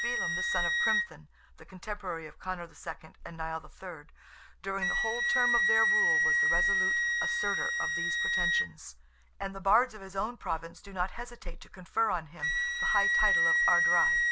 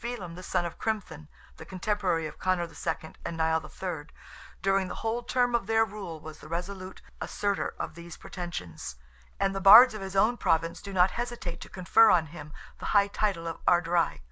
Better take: second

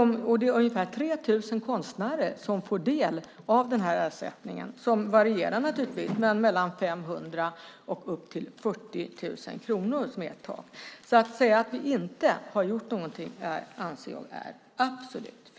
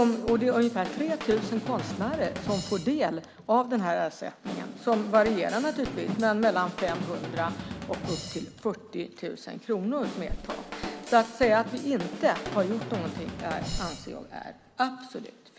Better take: first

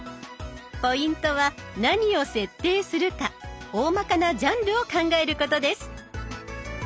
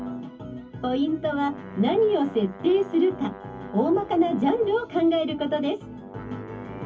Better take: first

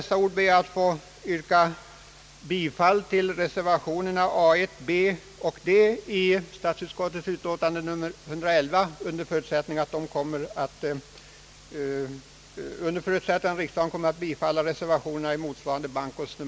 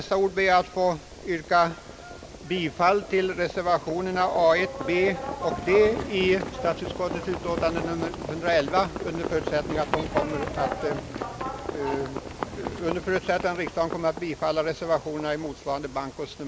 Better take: first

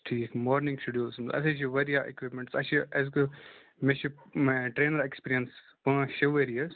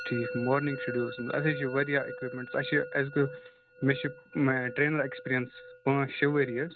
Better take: first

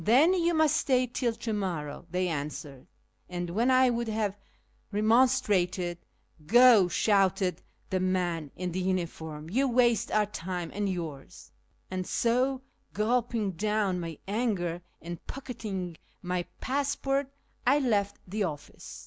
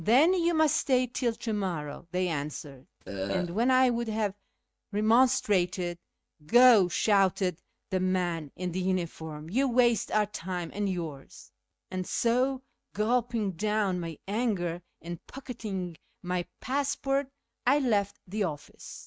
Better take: first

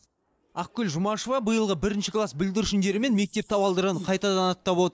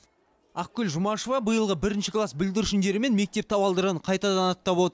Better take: second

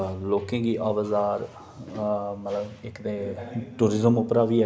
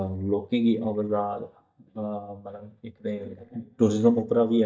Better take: first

